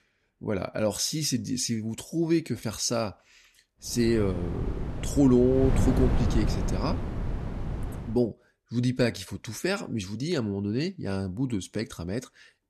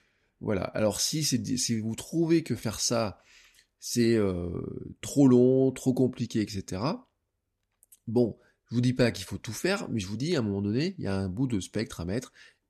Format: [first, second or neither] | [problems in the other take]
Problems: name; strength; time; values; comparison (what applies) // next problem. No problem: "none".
second | wind noise on the microphone; heavy; from 4 to 8 s; 8 dB below the speech